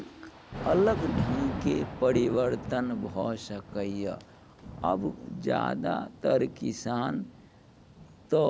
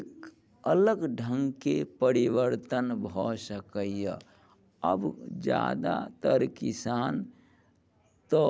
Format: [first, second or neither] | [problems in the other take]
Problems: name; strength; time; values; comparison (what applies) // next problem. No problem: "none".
second | background sound (Thunder / Rain); 9 dB below the speech